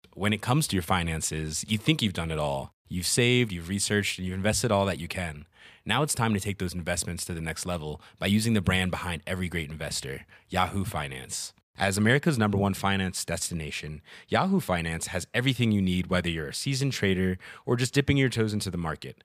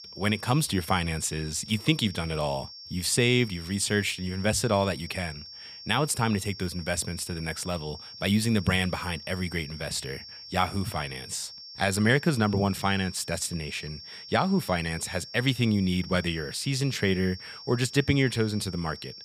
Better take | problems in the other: first | high-pitched whine; noticeable; throughout; 5.5 kHz, 15 dB below the speech

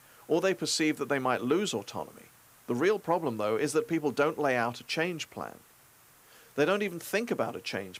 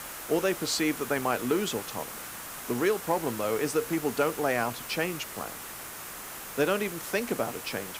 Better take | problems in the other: first | hiss; loud; throughout; 8 dB below the speech; faint in the first

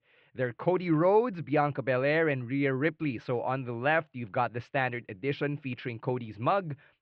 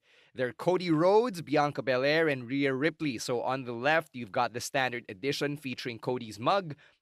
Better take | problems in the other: second | muffled; very; fading above 3 kHz

